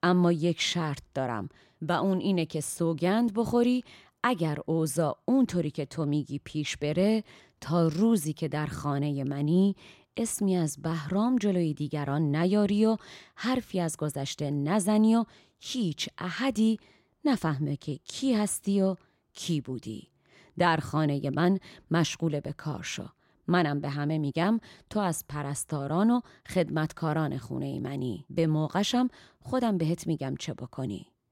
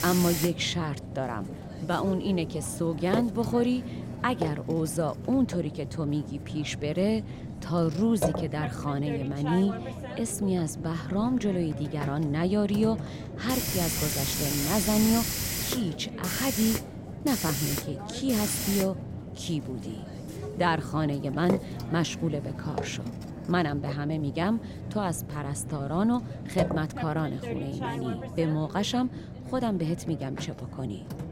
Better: first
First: none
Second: hiss; loud; throughout; 5 dB below the speech

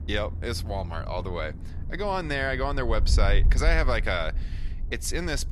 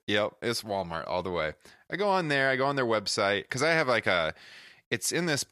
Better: second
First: low rumble; noticeable; throughout; 20 dB below the speech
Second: none

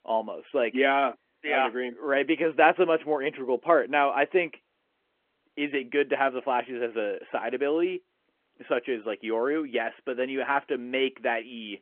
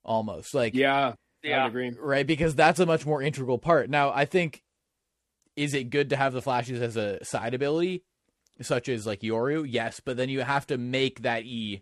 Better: second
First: phone-call audio; nothing above 3 kHz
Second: none

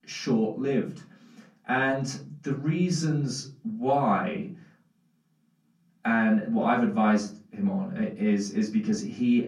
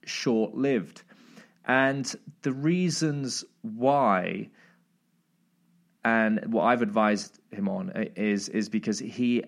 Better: second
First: off-mic speech; far // room echo; slight; dies away in 0.4 s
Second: none

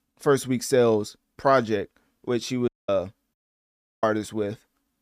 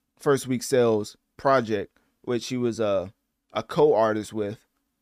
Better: second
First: audio cutting out; at 2.5 s and at 3.5 s for 0.5 s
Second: none

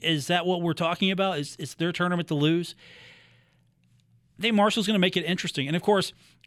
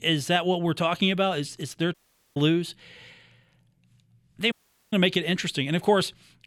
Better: first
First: none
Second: audio cutting out; at 2 s and at 4.5 s

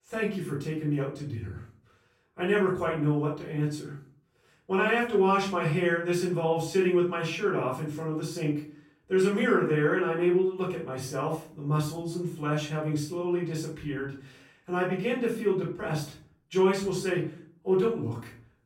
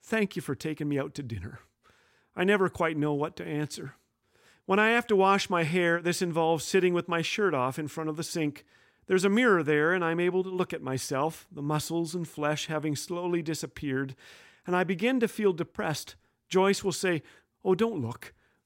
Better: second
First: off-mic speech; far // room echo; noticeable; dies away in 0.4 s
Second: none

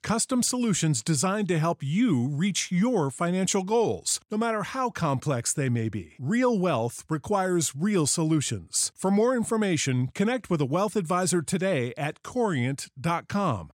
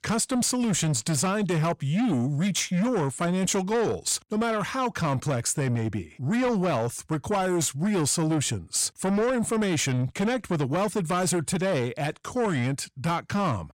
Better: first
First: none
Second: distortion; slight; 10 dB below the speech

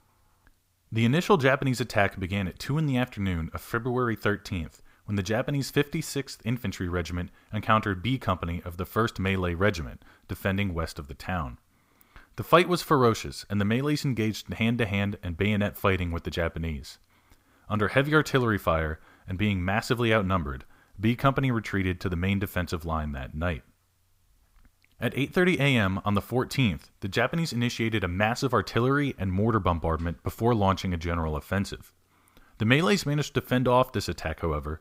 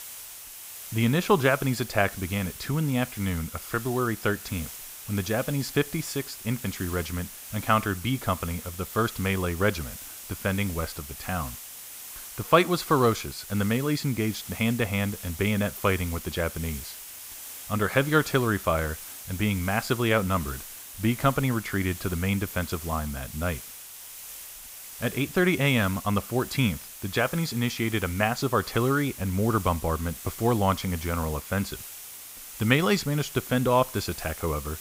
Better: first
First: none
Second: hiss; noticeable; throughout; 10 dB below the speech

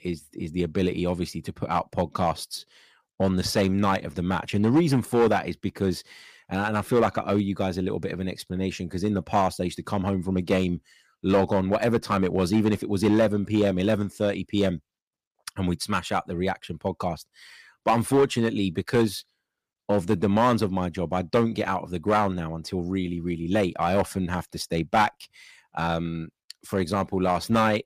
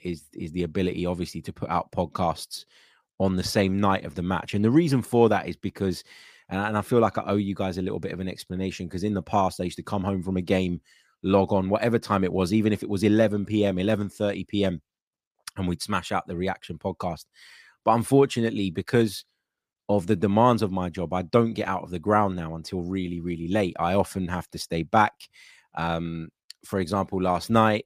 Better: second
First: distortion; slight; 2% of the sound clipped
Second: none

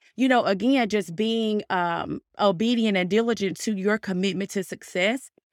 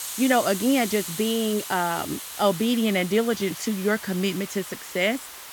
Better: first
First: none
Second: hiss; loud; throughout; 9 dB below the speech

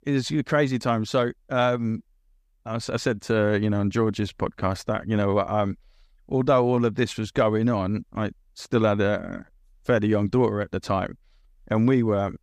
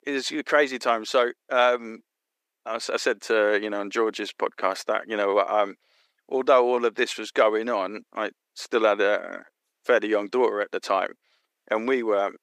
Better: first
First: none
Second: thin; very; fading below 350 Hz

